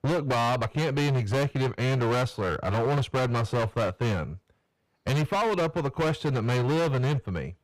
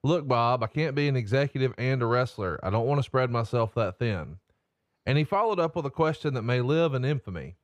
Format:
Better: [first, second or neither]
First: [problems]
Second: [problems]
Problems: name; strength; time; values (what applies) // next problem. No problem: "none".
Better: second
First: distortion; heavy; 28% of the sound clipped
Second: none